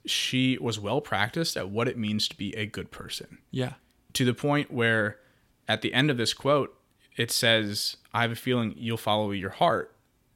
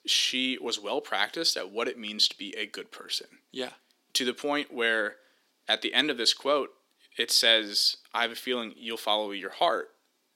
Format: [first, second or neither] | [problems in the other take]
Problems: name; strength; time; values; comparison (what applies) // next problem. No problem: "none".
first | thin; somewhat; fading below 300 Hz